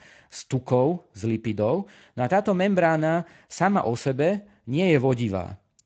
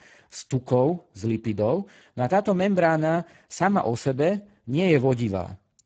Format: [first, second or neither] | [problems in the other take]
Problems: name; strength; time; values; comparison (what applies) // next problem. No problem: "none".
first | garbled, watery; badly; nothing above 7.5 kHz; slightly in the first